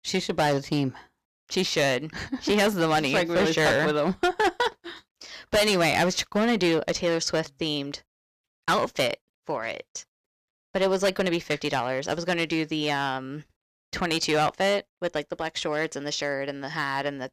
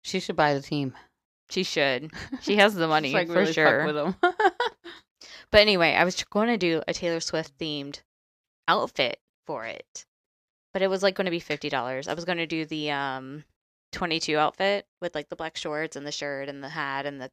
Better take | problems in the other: second | distortion; heavy; 7% of the sound clipped

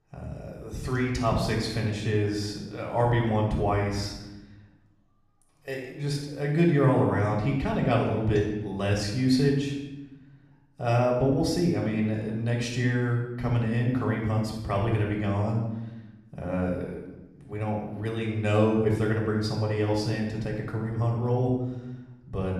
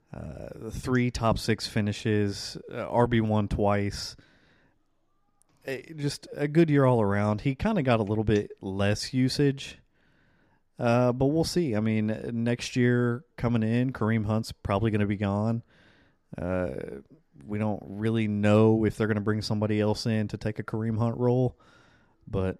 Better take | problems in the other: second | off-mic speech; far // room echo; noticeable; dies away in 0.8 s

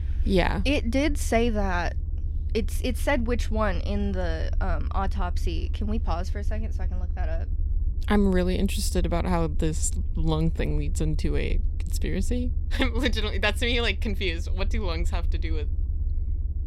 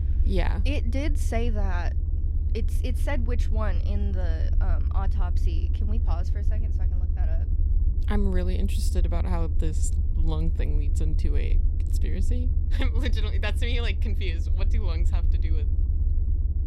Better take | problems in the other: first | low rumble; loud; throughout; 9 dB below the speech; faint in the first

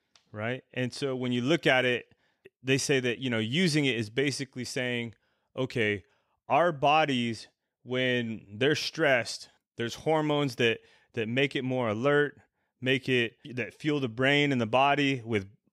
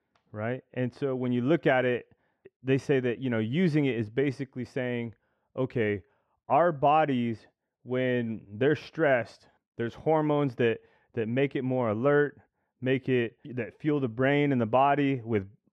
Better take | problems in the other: first | muffled; very; fading above 2.5 kHz

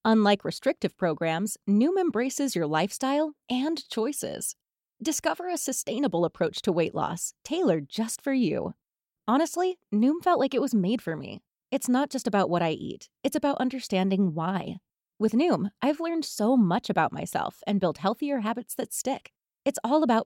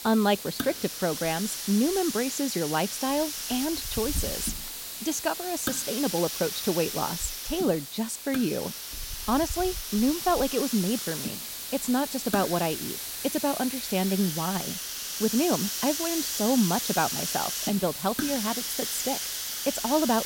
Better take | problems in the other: first | hiss; loud; throughout; 3 dB below the speech

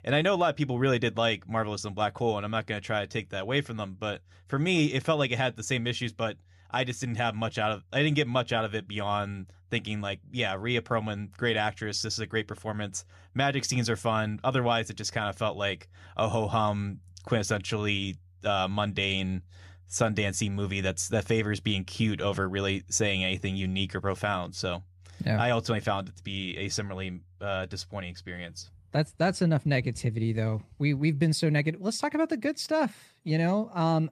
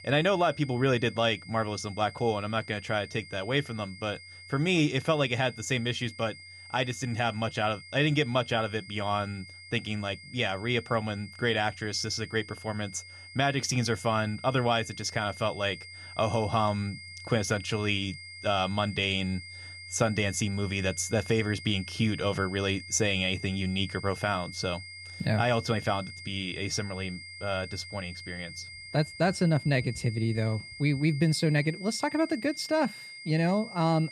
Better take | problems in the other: first | high-pitched whine; noticeable; throughout; 2 kHz, 15 dB below the speech

